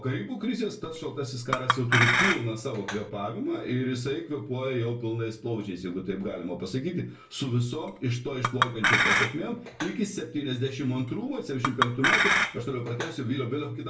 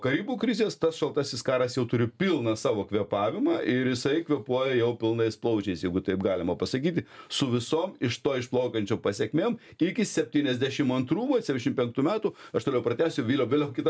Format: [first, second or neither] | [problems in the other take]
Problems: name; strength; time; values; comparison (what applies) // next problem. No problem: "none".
second | background sound (Chink, clink); 2 dB above the speech // room echo; dies away in 0.3 s